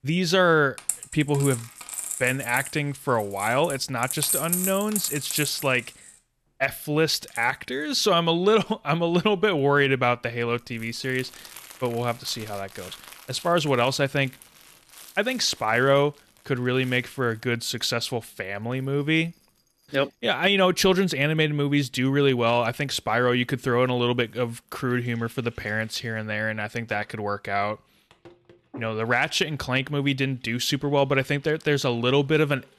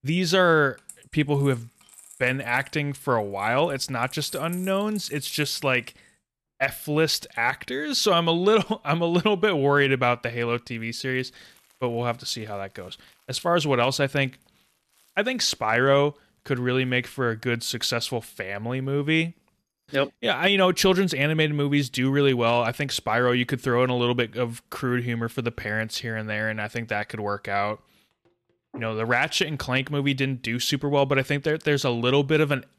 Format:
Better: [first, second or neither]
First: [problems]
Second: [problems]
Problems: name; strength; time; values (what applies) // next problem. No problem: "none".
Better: second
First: household noises; loud; throughout; 8 dB below the speech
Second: household noises; faint; throughout; 25 dB below the speech